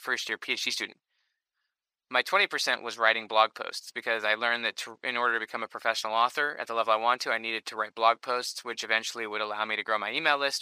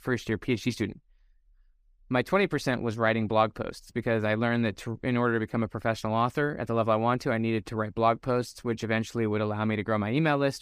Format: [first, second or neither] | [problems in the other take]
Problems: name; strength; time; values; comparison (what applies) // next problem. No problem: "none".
second | thin; very; fading below 850 Hz